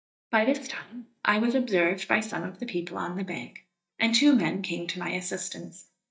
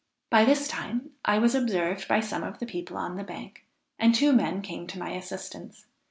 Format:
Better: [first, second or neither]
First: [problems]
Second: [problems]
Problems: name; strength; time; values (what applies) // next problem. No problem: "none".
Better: second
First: noise reduction (neural mask model DeepFilterNet 3)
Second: none